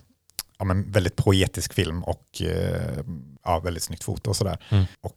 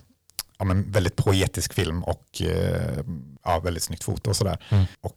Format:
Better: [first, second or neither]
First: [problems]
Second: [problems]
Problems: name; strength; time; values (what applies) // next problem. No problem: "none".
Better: first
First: none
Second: distortion; slight; 1.8% of the sound clipped